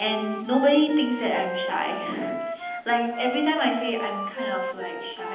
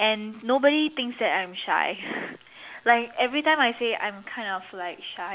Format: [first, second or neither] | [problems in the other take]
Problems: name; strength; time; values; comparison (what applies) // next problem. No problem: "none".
second | background sound (Wind instrument, woodwind instrument); 8 dB below the speech // room echo; dies away in 0.9 s